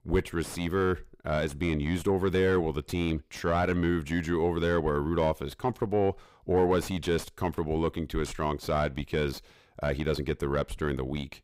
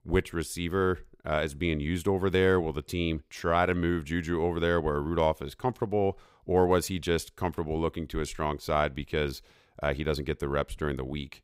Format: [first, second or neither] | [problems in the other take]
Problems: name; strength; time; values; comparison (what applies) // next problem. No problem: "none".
second | distortion; slight; 9 dB below the speech